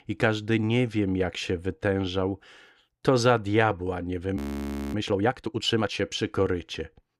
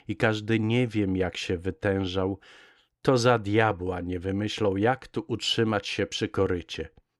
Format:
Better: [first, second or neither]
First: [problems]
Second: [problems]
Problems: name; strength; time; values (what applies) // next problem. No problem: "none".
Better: second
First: audio freezing; at 4.5 s for 0.5 s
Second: none